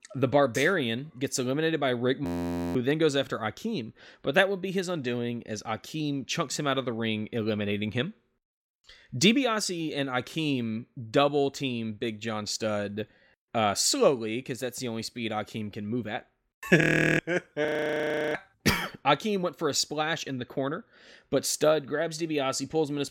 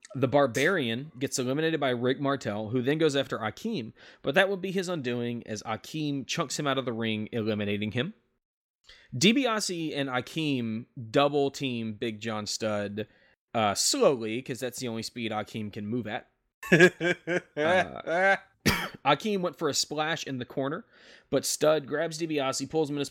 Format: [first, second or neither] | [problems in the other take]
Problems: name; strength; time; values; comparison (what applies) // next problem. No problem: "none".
second | audio freezing; at 2.5 s for 0.5 s, at 17 s and at 18 s for 0.5 s